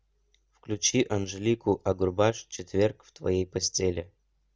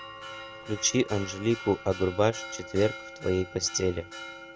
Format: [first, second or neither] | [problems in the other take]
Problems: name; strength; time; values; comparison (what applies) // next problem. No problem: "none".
first | background sound (Church bell); 13 dB below the speech